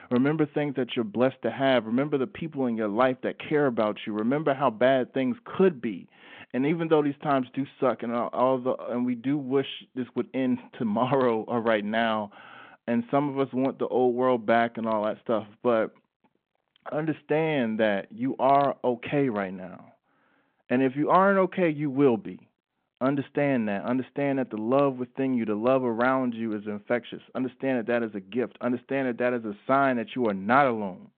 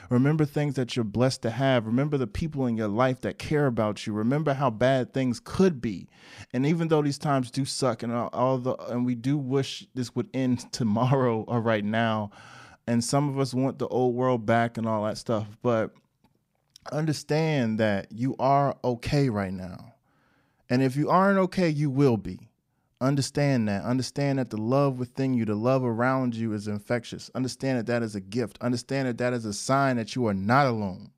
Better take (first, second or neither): second